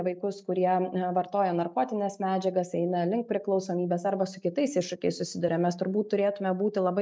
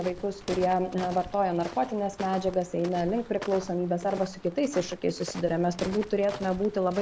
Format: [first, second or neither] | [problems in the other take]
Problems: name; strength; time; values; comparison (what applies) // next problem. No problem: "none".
first | background sound (Walk, footsteps); 14 dB below the speech